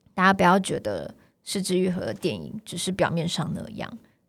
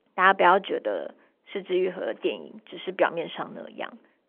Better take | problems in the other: first | phone-call audio; nothing above 3.5 kHz

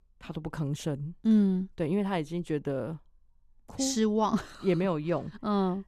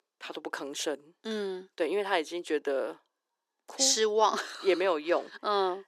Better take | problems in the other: first | thin; very; fading below 350 Hz

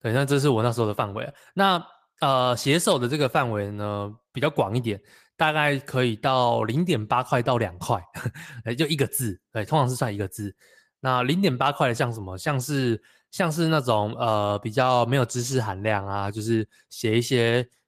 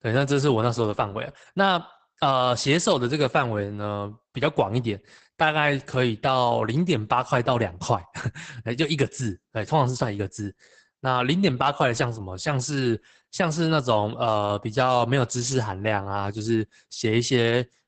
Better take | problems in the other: first | garbled, watery; badly; nothing above 8 kHz; slightly in the first

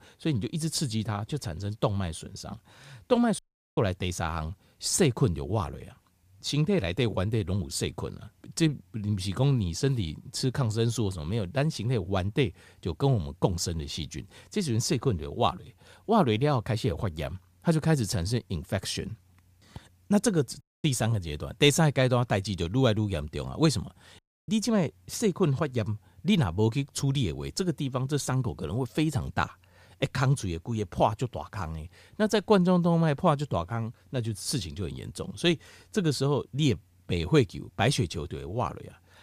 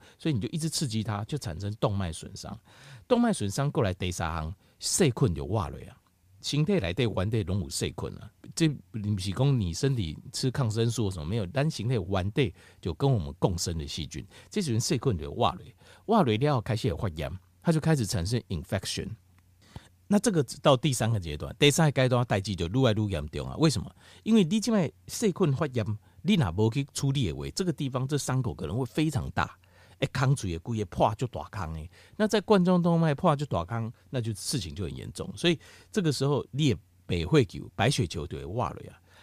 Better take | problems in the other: second | audio cutting out; at 3.5 s, at 21 s and at 24 s

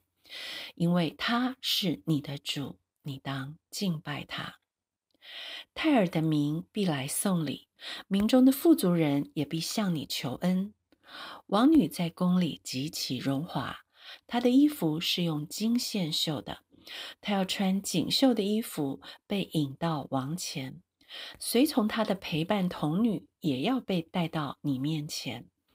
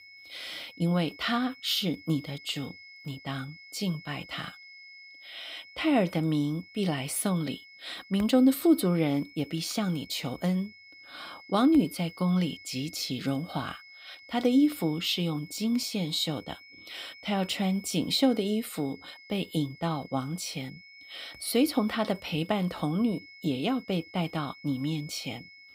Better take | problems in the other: first | high-pitched whine; noticeable; throughout; 2 kHz, 20 dB below the speech

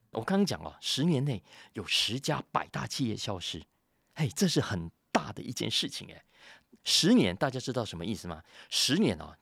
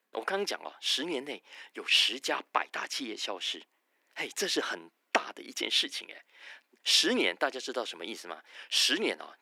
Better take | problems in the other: first | thin; somewhat; fading below 300 Hz

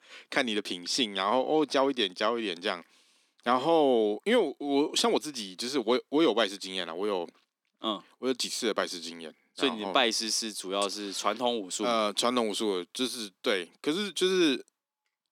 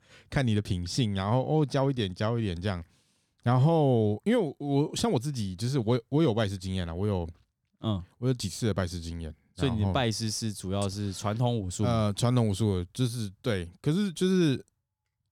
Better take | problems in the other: second | thin; somewhat; fading below 250 Hz

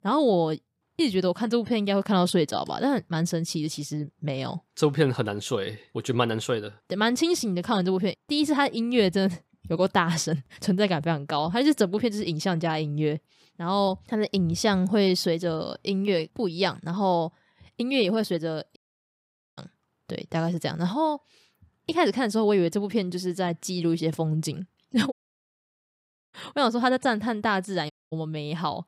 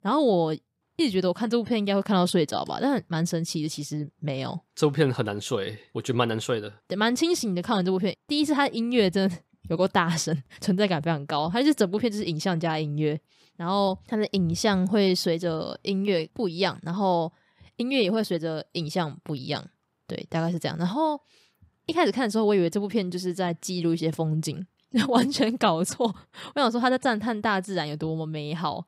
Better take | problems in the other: second | audio cutting out; at 19 s for 1 s, at 25 s for 1 s and at 28 s

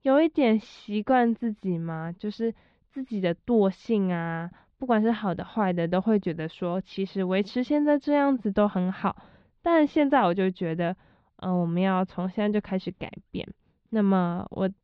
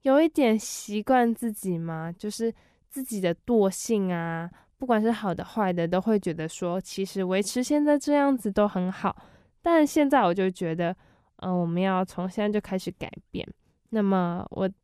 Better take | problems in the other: second | muffled; slightly; fading above 4 kHz

